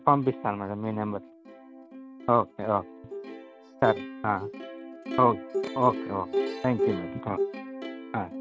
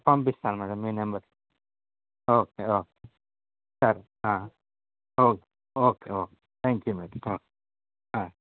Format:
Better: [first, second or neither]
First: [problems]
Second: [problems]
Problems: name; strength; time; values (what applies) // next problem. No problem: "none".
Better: second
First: background sound (Plucked string instrument); 6 dB below the speech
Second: none